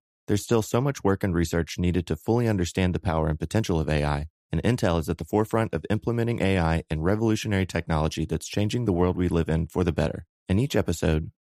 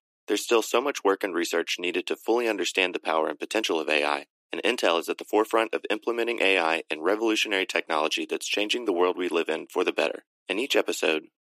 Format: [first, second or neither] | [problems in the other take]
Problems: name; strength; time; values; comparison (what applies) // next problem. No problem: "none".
first | thin; very; fading below 300 Hz